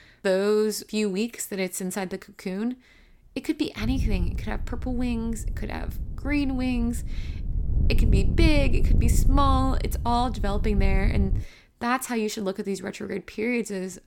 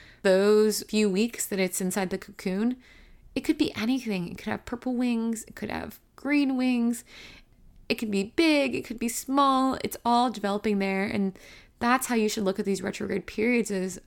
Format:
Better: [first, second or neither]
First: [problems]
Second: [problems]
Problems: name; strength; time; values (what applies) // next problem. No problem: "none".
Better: second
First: wind noise on the microphone; occasional gusts; from 4 to 11 s; 15 dB below the speech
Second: none